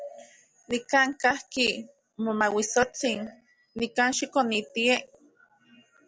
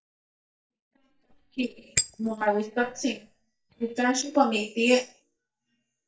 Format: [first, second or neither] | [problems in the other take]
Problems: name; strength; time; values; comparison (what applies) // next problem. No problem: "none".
first | noise reduction (neural mask model DeepFilterNet 3)